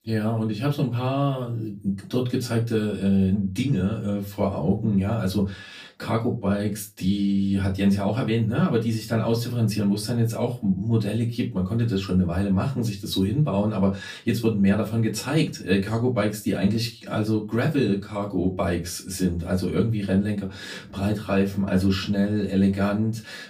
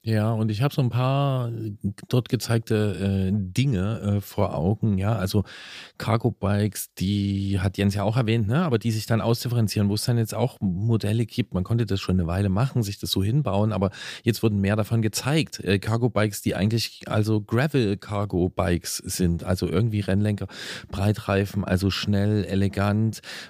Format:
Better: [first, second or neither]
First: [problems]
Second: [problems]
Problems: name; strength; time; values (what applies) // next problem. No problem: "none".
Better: second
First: off-mic speech; far // room echo; very slight; dies away in 0.2 s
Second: none